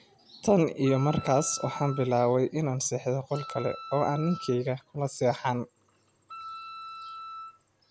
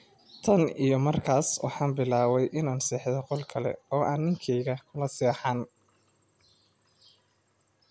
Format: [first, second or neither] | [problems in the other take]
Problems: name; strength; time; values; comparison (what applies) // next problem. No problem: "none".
second | background sound (Wind instrument, woodwind instrument); 14 dB below the speech